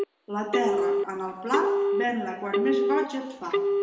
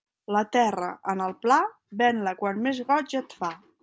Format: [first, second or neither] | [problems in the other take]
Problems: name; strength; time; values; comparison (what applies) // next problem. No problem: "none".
second | background sound (Telephone); 4 dB above the speech // room echo; dies away in 0.8 s